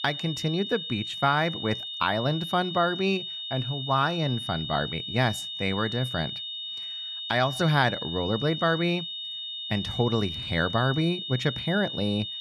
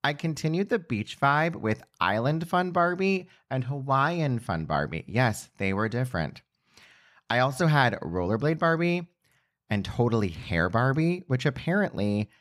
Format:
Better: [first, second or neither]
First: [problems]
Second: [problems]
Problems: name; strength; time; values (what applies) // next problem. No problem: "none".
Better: second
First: high-pitched whine; loud; throughout; 3.5 kHz, 5 dB below the speech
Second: none